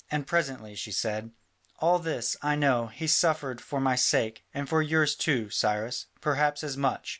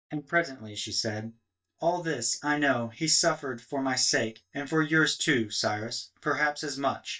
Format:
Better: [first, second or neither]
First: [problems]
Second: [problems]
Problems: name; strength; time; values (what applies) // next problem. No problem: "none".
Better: first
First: none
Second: noise reduction (neural mask model DeepFilterNet 3)